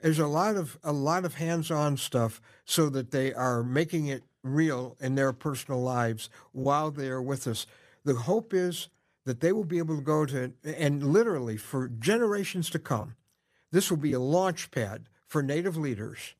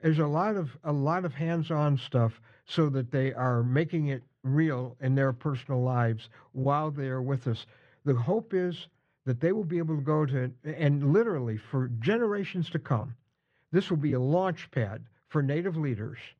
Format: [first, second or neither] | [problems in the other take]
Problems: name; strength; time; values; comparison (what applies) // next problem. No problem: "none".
first | muffled; slightly; fading above 3 kHz